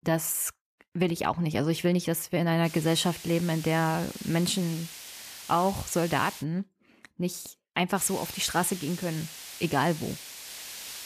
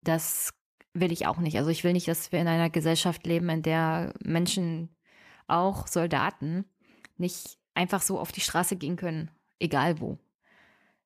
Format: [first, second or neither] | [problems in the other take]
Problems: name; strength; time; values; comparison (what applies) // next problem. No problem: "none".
second | hiss; noticeable; from 2.5 to 6.5 s and from 8 s on; 10 dB below the speech